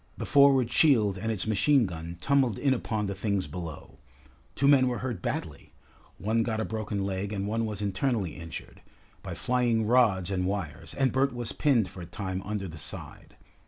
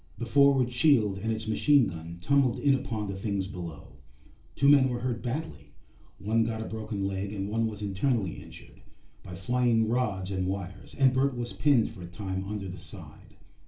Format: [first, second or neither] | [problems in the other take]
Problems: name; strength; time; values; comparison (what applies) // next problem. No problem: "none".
first | room echo; dies away in 0.3 s